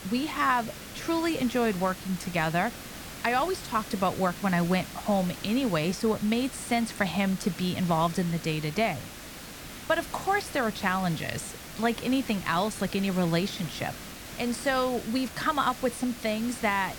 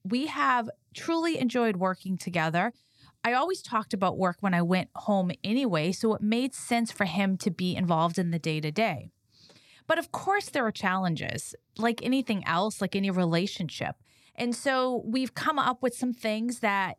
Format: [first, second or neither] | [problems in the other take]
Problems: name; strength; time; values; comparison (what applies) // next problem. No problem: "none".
second | hiss; noticeable; throughout; 10 dB below the speech